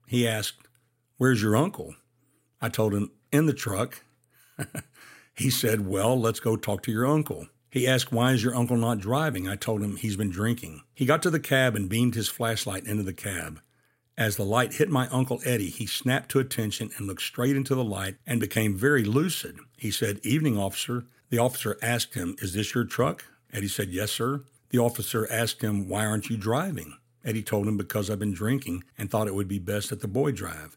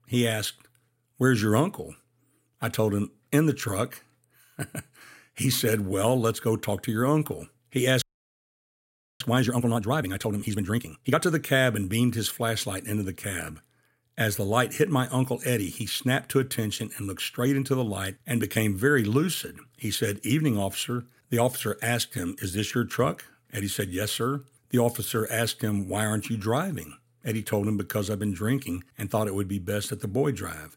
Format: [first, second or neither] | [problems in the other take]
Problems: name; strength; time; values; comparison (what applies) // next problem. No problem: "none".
first | audio freezing; at 8 s for 1 s